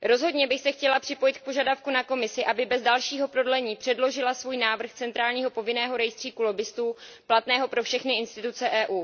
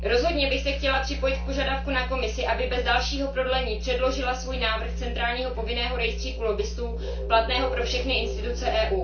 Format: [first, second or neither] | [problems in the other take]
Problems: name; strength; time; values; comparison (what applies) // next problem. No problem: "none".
first | background sound (Musical instrument); 3 dB below the speech // room echo; dies away in 0.3 s